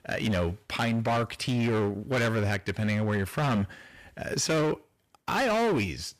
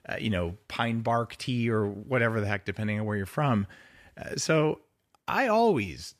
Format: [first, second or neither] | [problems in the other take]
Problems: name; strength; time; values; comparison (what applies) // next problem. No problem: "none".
second | distortion; heavy; 19% of the sound clipped